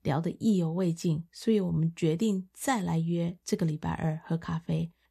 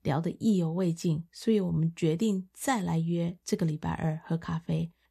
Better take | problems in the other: neither | none

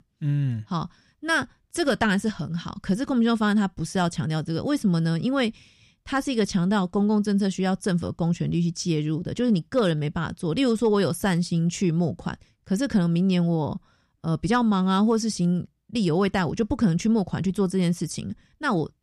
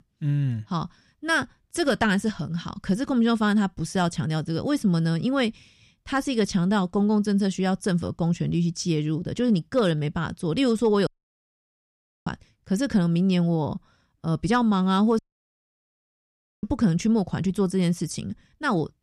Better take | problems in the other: first | audio cutting out; at 11 s for 1 s and at 15 s for 1.5 s

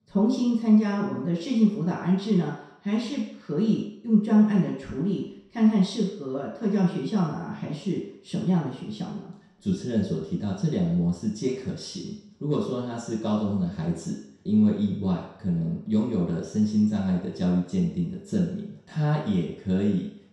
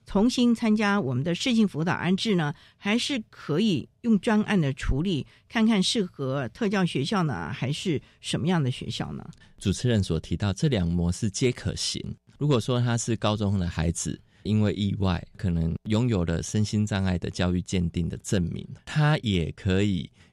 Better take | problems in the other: second | room echo; noticeable; dies away in 0.7 s // off-mic speech; far

